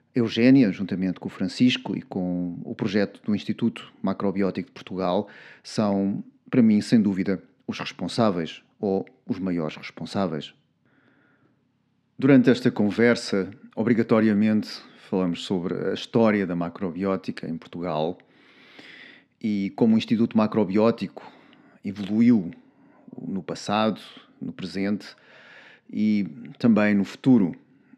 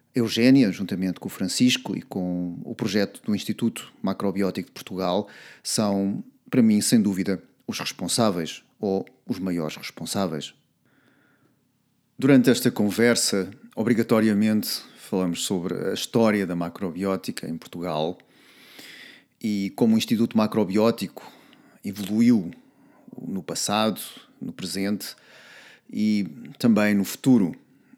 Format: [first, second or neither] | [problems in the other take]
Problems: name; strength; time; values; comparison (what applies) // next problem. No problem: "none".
second | muffled; slightly; fading above 3 kHz